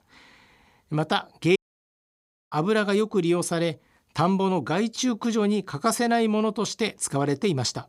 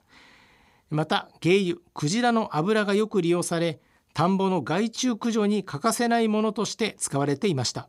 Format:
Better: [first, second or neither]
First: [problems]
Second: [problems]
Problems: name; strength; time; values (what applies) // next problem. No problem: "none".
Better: second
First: audio cutting out; at 1.5 s for 1 s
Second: none